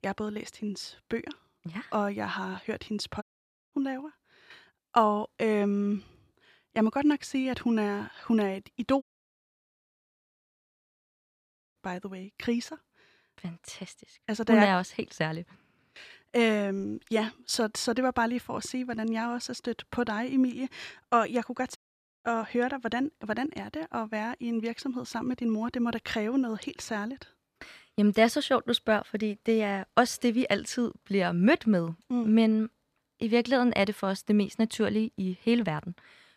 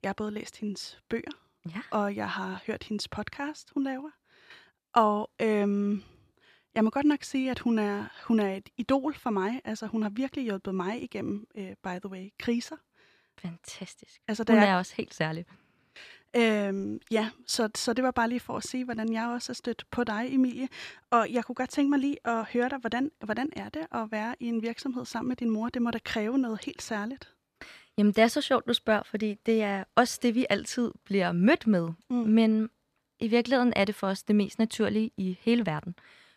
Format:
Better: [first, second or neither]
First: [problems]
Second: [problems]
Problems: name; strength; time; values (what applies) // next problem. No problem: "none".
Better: second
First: audio cutting out; at 3 s for 0.5 s, at 9 s for 2.5 s and at 22 s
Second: none